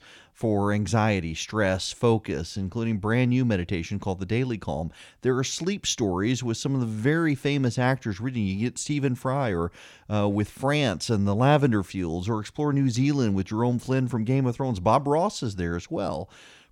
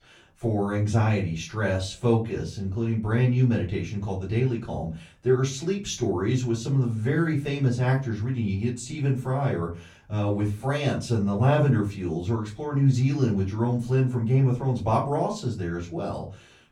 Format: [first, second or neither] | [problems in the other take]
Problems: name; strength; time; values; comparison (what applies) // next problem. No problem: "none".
first | off-mic speech; far // room echo; very slight; dies away in 0.3 s